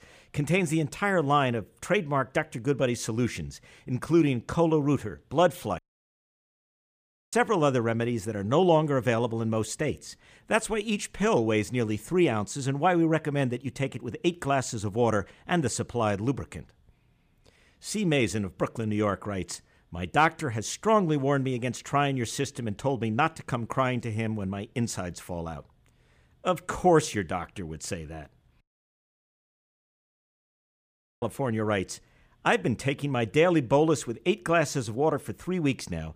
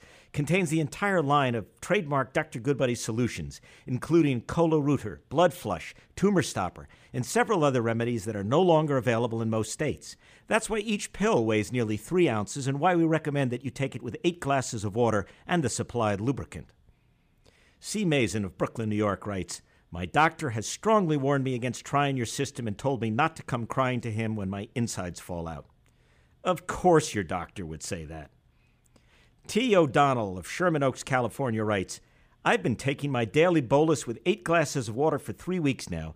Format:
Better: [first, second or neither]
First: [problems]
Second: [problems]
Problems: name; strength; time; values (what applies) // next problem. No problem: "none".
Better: second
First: audio cutting out; at 6 s for 1.5 s and at 29 s for 2.5 s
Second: none